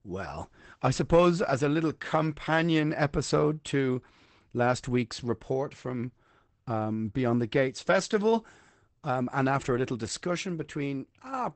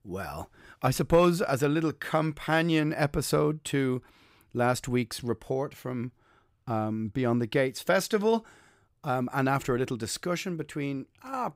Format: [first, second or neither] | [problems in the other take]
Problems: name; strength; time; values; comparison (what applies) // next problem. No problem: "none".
second | garbled, watery; badly; nothing above 8 kHz